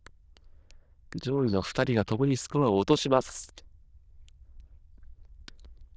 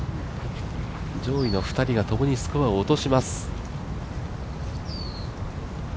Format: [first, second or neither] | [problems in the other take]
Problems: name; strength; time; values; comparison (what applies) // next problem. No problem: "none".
second | noise reduction (neural diffusion model UNIVERSE++)